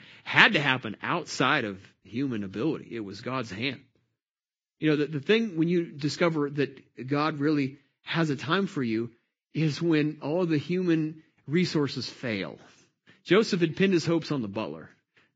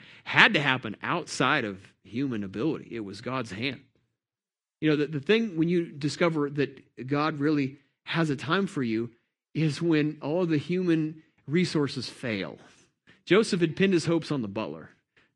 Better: second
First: garbled, watery; badly; nothing above 7.5 kHz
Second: garbled, watery; slightly

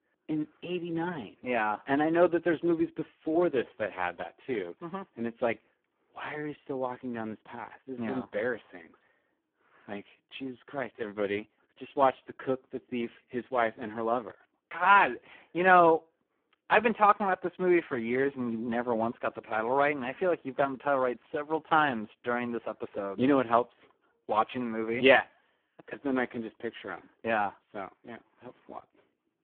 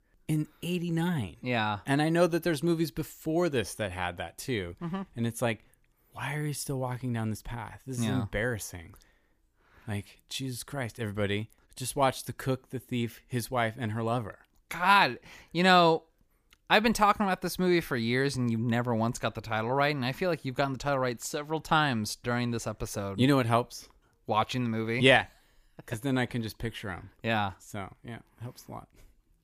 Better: second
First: phone-call audio; poor line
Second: none

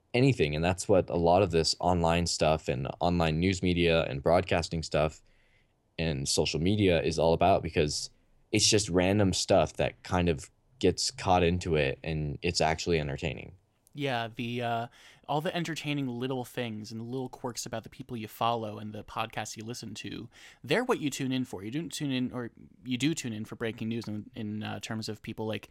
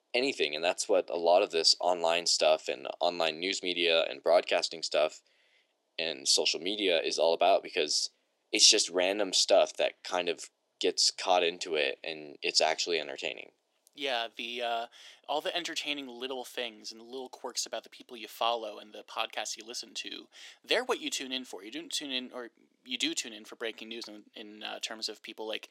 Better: first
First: none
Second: thin; somewhat; fading below 300 Hz

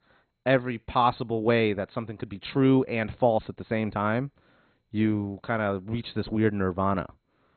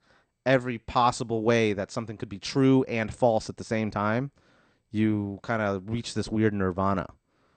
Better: second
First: garbled, watery; badly; nothing above 4 kHz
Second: garbled, watery; slightly; nothing above 8.5 kHz

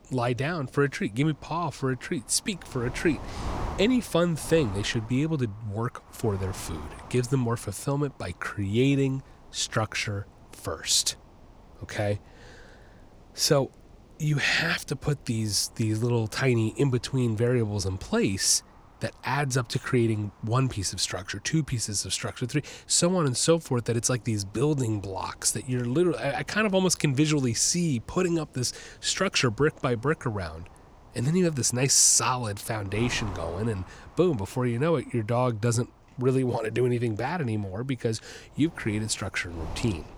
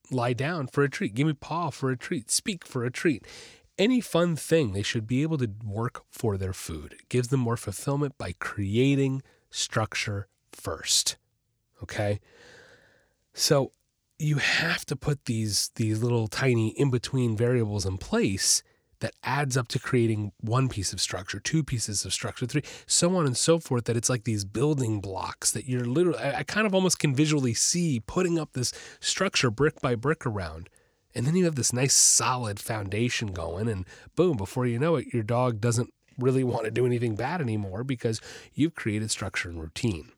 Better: second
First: wind noise on the microphone; occasional gusts; 20 dB below the speech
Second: none

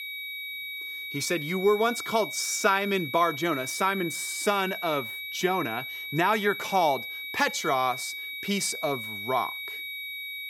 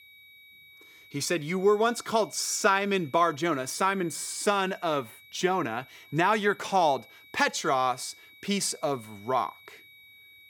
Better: second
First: high-pitched whine; loud; throughout; 2.5 kHz, 7 dB below the speech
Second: high-pitched whine; faint; throughout; 2.5 kHz, 25 dB below the speech

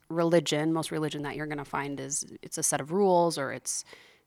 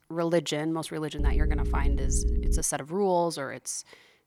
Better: first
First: none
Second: low rumble; noticeable; from 1 to 2.5 s; 10 dB below the speech

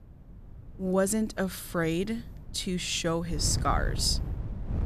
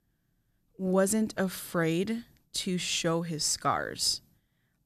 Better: second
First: wind noise on the microphone; occasional gusts; 15 dB below the speech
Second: none

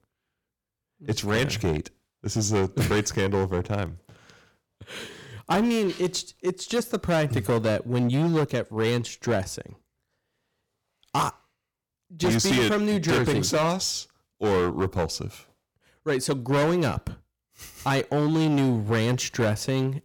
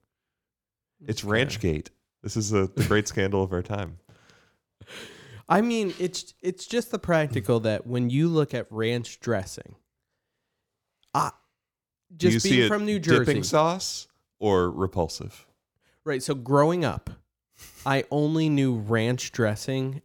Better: second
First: distortion; heavy; 11% of the sound clipped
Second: none

